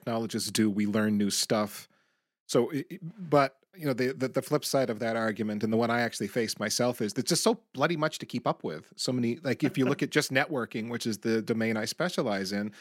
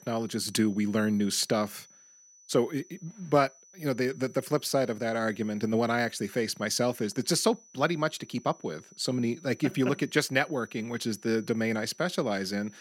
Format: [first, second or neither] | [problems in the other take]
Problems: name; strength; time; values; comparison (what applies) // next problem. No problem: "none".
first | high-pitched whine; faint; throughout; 6 kHz, 25 dB below the speech